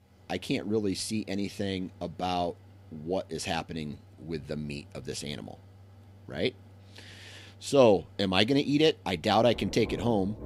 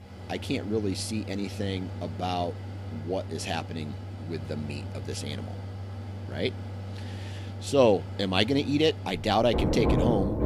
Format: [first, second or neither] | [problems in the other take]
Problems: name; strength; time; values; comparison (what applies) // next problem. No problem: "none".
first | machinery noise; loud; throughout; 6 dB below the speech; faint in the first